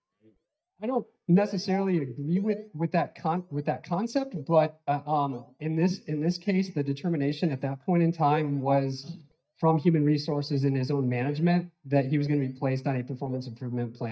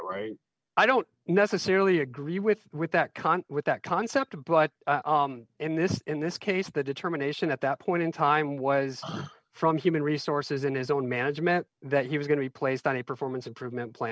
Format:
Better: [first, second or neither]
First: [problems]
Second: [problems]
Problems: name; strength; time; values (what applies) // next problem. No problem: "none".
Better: second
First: noise reduction (neural mask model DeepFilterNet 3)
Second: none